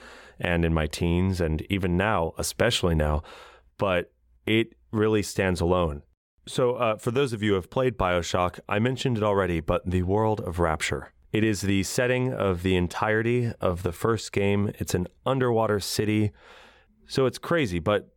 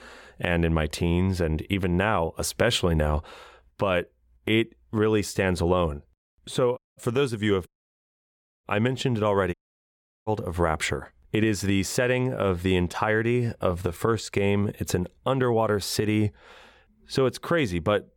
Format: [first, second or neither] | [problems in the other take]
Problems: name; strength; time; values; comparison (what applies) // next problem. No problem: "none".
first | audio cutting out; at 7 s, at 7.5 s for 1 s and at 9.5 s for 0.5 s